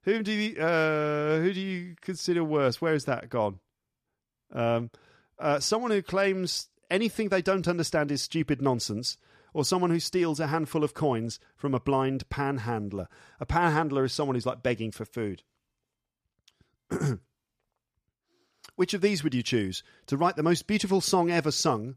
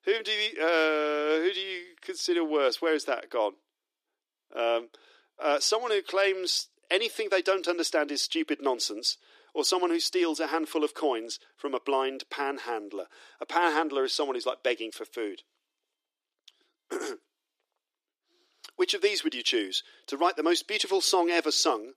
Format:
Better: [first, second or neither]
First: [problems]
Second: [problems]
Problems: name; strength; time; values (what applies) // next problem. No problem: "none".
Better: first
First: none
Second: thin; somewhat; fading below 300 Hz